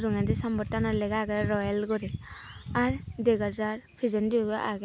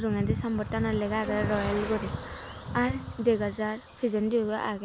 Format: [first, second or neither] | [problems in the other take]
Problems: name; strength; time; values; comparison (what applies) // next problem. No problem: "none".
first | background sound (Bowed string instrument + Car passing by); 12 dB below the speech